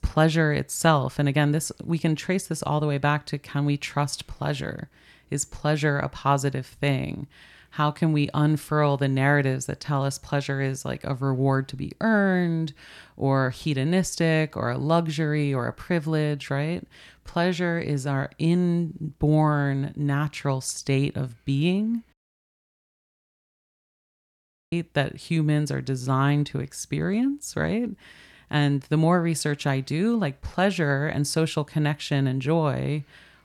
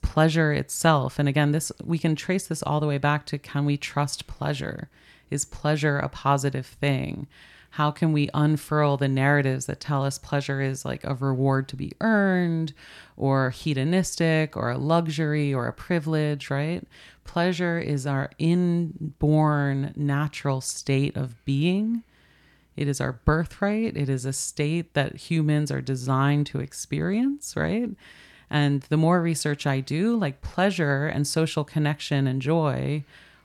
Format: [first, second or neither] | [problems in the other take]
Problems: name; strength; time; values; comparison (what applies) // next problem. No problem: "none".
second | audio cutting out; at 22 s for 2.5 s